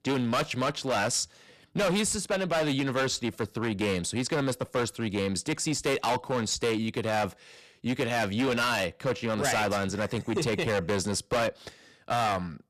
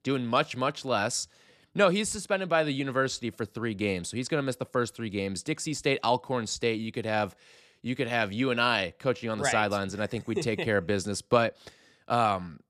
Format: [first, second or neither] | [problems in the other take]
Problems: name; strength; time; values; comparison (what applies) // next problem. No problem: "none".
second | distortion; heavy; 15% of the sound clipped